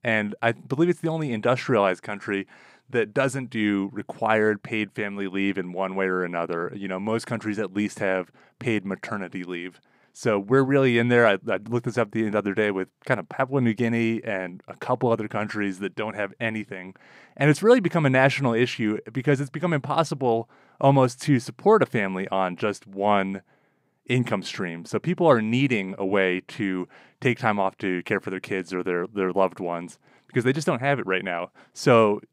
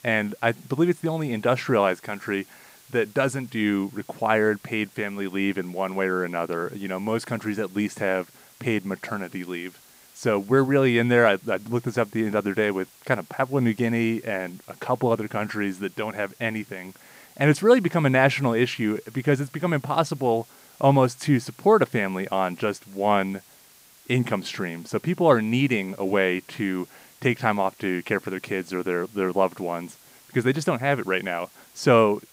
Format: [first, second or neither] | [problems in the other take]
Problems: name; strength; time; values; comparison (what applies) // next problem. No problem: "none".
first | hiss; faint; throughout; 25 dB below the speech